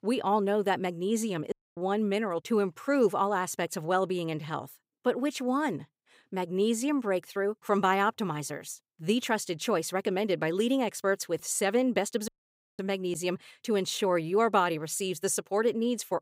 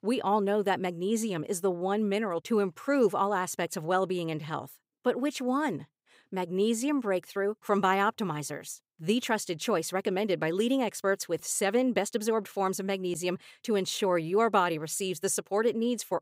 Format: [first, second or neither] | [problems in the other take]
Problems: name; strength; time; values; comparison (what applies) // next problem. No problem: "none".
second | audio cutting out; at 1.5 s and at 12 s for 0.5 s